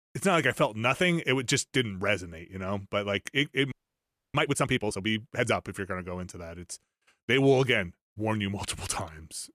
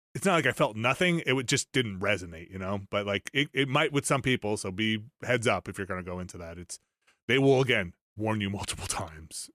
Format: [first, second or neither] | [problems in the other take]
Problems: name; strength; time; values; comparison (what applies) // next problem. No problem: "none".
second | audio freezing; at 3.5 s for 0.5 s